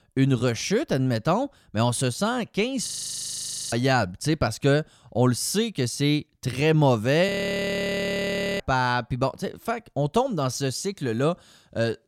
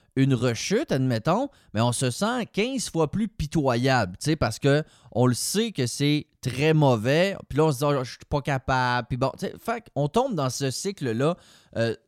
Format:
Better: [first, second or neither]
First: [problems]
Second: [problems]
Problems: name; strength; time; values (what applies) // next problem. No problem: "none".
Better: second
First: audio freezing; at 3 s for 1 s and at 7.5 s for 1.5 s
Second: none